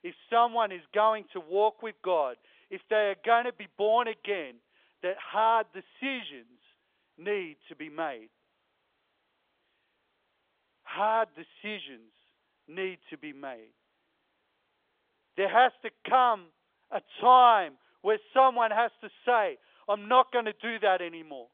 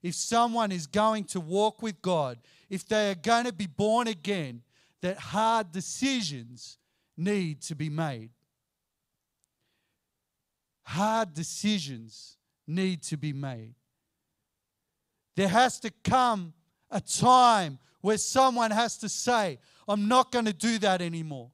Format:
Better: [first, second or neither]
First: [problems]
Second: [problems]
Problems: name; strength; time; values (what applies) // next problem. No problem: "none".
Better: second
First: phone-call audio; nothing above 3.5 kHz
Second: none